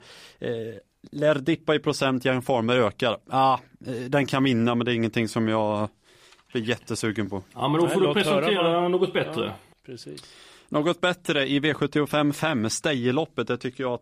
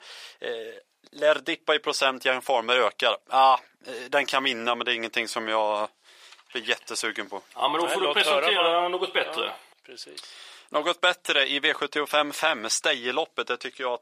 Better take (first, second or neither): first